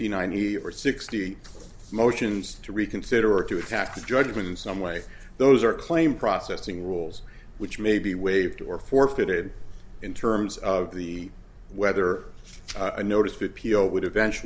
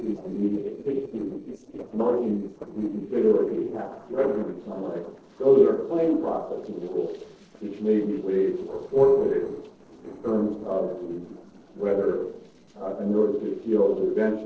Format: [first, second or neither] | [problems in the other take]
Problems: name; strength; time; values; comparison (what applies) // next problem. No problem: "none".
first | noise reduction (neural separator model SepFormer DNS4)